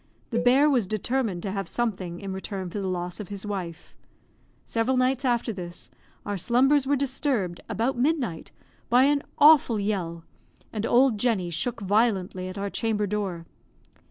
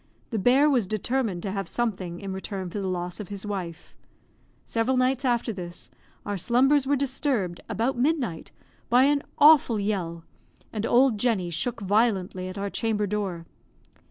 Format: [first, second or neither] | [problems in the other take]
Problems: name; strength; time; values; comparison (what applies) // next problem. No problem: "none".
second | background sound (Cowbell); 14 dB below the speech